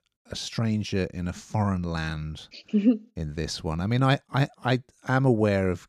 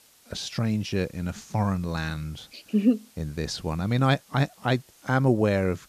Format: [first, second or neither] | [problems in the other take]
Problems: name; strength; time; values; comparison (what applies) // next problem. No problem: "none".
first | hiss; faint; throughout; 30 dB below the speech